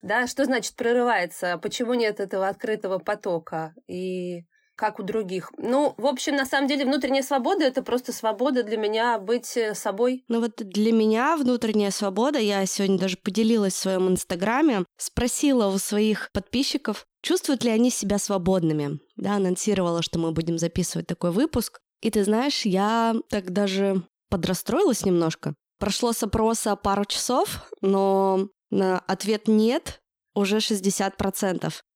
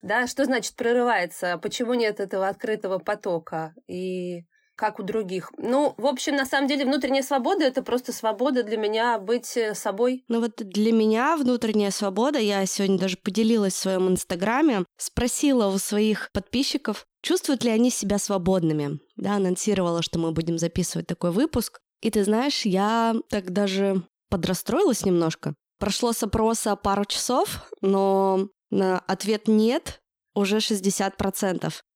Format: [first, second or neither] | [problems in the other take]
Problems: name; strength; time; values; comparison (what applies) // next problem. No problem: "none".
neither | none